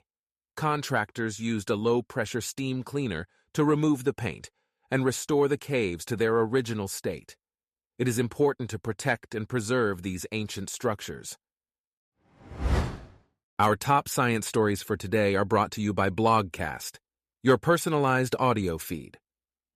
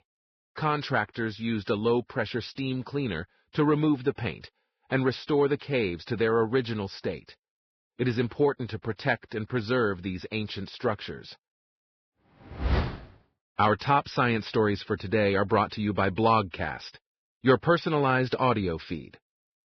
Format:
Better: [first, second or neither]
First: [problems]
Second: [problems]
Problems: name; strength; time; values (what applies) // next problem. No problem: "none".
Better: first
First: none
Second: garbled, watery; badly; nothing above 5.5 kHz